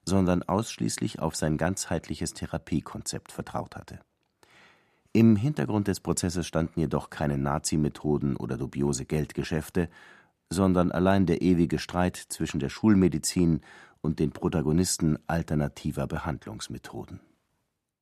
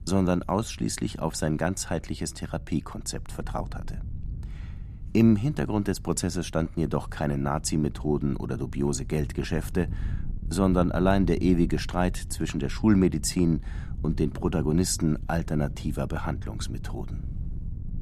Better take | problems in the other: first | wind noise on the microphone; occasional gusts; 20 dB below the speech

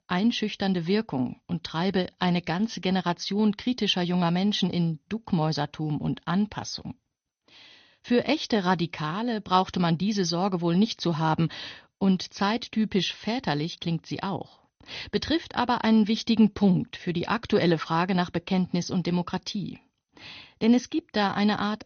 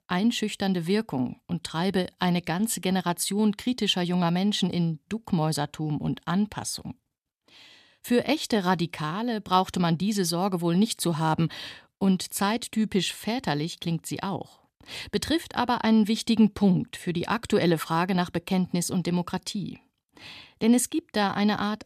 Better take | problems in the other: second | garbled, watery; slightly; nothing above 6.5 kHz

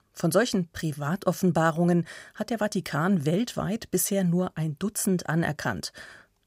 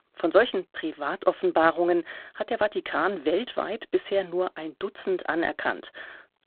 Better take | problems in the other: first | phone-call audio; poor line

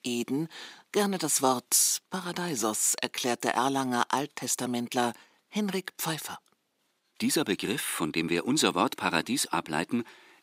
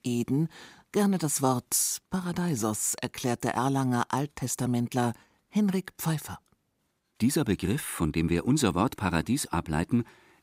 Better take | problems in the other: second | thin; very slightly; fading below 300 Hz

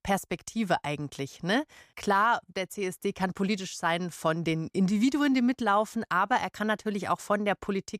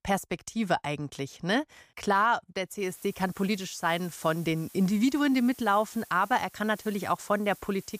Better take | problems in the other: first | hiss; faint; from 3 s on; 20 dB below the speech

